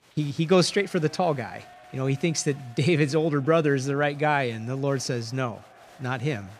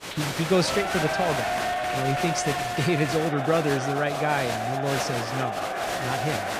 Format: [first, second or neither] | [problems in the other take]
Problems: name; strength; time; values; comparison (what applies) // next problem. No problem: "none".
first | crowd noise; loud; throughout; 1 dB below the speech; faint in the first